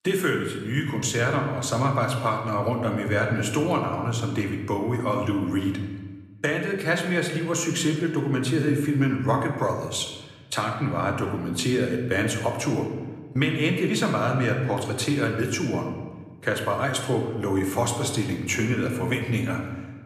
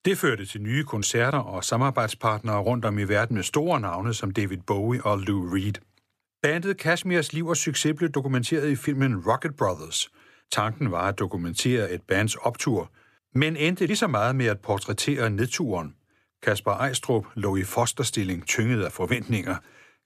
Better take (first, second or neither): second